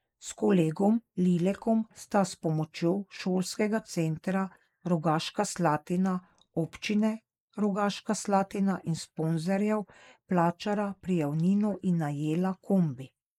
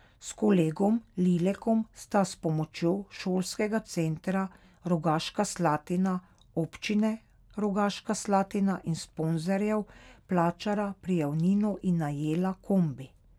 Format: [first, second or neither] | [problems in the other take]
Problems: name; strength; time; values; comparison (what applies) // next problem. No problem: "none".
second | noise reduction (neural mask model Resemble Enhance denoiser)